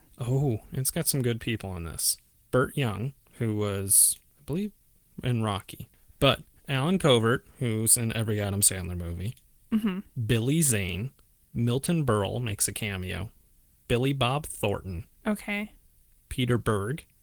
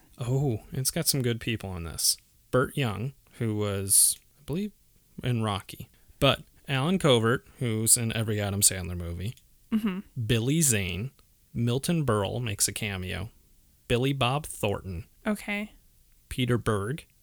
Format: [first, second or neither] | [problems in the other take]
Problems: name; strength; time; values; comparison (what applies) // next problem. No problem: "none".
second | garbled, watery; slightly; nothing above 19 kHz